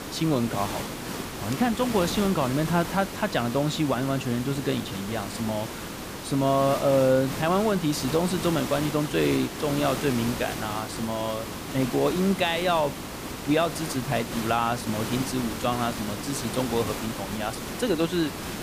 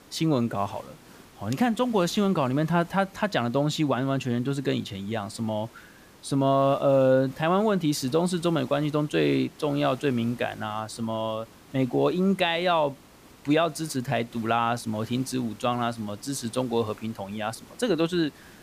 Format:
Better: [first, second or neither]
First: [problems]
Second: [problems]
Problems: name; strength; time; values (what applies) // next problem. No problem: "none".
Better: second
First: hiss; loud; throughout; 7 dB below the speech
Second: hiss; faint; throughout; 25 dB below the speech